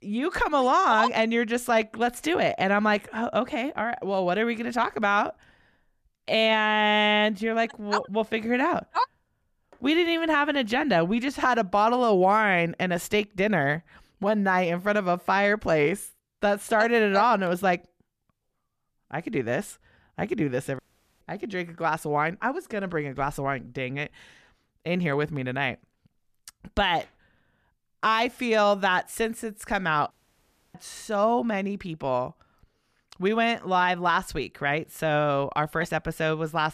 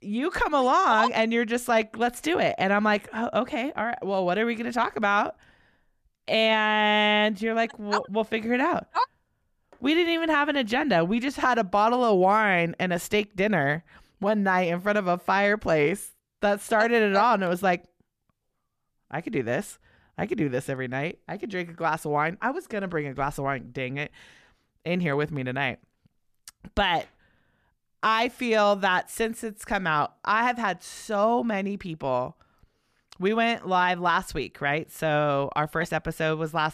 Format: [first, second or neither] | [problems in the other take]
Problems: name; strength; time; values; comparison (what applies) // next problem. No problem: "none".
second | audio cutting out; at 21 s and at 30 s for 0.5 s